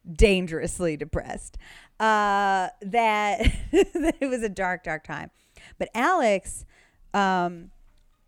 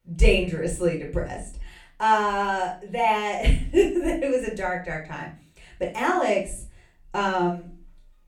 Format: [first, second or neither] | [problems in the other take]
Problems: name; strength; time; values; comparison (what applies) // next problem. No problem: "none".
first | room echo; slight; dies away in 0.3 s // off-mic speech; far